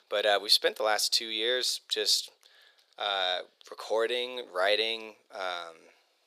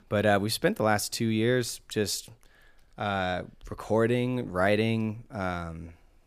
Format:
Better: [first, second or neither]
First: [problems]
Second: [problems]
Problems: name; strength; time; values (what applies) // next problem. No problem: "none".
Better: second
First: thin; very; fading below 450 Hz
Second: none